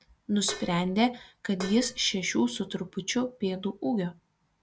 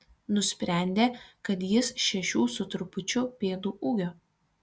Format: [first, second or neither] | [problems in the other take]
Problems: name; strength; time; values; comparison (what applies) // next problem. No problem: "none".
second | background sound (Dishes, pots, and pans); 12 dB below the speech